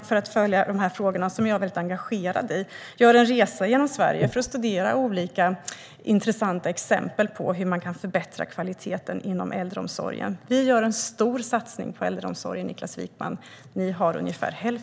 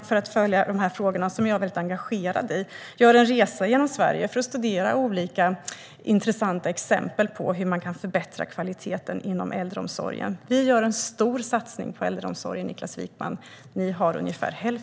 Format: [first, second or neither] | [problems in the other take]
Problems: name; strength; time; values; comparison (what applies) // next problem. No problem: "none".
second | background sound (Breathing); 3 dB below the speech